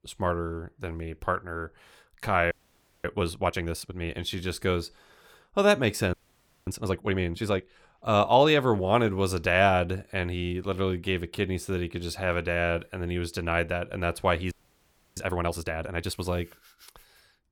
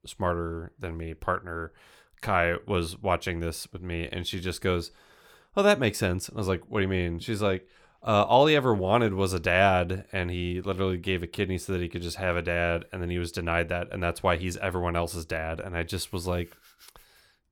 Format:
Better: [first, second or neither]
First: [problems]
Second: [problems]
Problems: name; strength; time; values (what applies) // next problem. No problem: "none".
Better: second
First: audio freezing; at 2.5 s for 0.5 s, at 6 s for 0.5 s and at 15 s for 0.5 s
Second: none